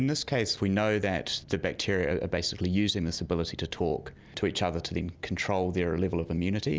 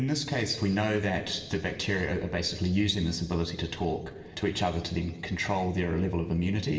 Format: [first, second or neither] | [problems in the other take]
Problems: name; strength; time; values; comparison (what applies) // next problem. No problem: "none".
first | room echo; dies away in 1.1 s